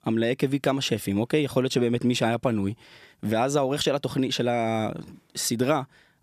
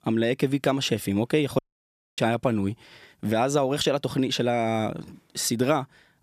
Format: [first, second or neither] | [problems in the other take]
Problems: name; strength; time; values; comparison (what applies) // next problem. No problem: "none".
first | audio cutting out; at 1.5 s for 0.5 s